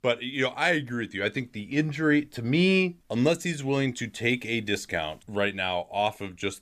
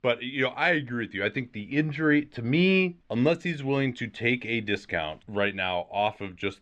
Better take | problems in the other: first | muffled; slightly; fading above 3 kHz

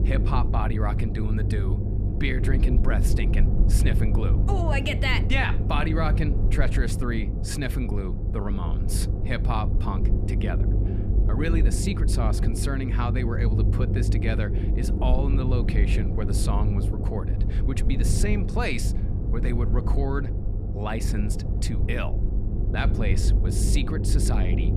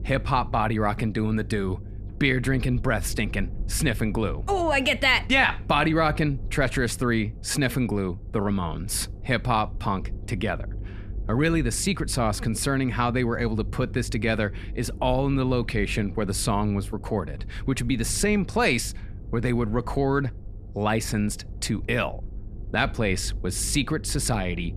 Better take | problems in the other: second | low rumble; loud; throughout; 6 dB below the speech; faint in the second

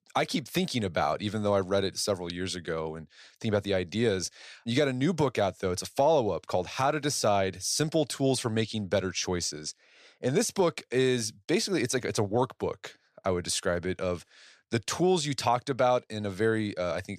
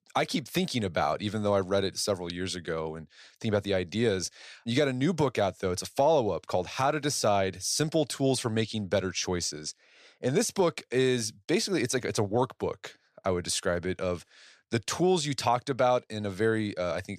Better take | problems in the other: neither | none

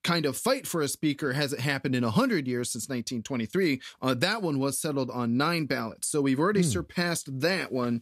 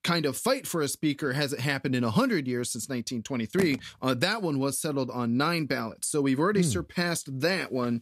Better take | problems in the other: first | phone ringing; noticeable; at 3.5 s; peak 8 dB below the speech

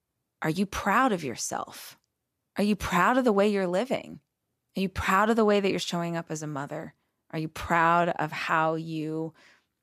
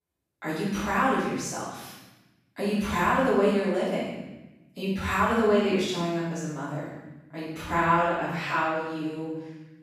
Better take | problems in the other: first | off-mic speech; far // room echo; strong; dies away in 1 s

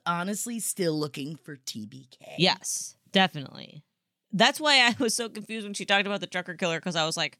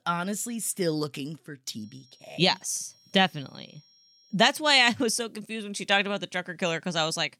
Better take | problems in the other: first | high-pitched whine; faint; from 1.5 to 4.5 s; 5.5 kHz, 30 dB below the speech

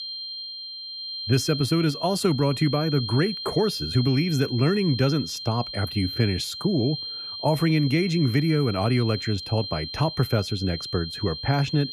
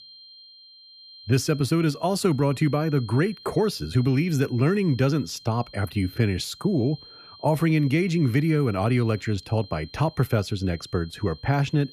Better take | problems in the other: second | high-pitched whine; loud; throughout; 4 kHz, 8 dB below the speech; faint in the second

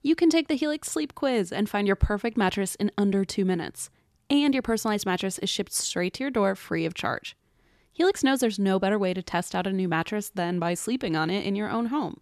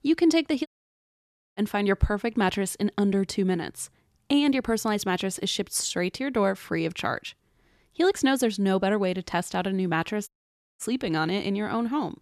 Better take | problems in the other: first | audio cutting out; at 0.5 s for 1 s and at 10 s for 0.5 s

